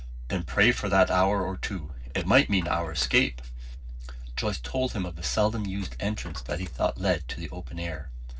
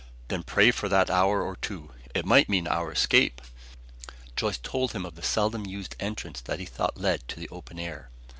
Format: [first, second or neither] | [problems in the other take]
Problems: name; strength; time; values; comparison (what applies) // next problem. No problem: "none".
second | noise reduction (neural separator model SepFormer DNS4)